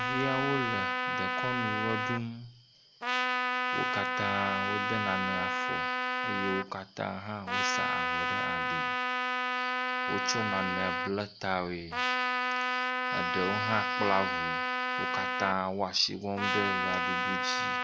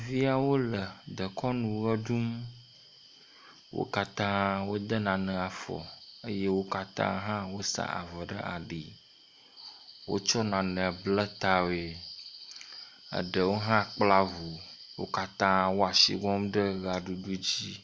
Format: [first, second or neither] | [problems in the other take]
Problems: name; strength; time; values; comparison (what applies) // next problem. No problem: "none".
second | background sound (Trumpet); 4 dB above the speech